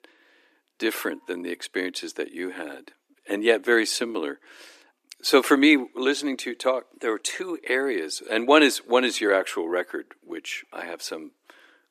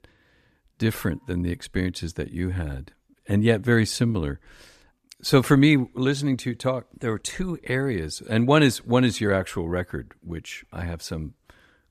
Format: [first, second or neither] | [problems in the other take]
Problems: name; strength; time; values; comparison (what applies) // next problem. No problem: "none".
second | thin; somewhat; fading below 300 Hz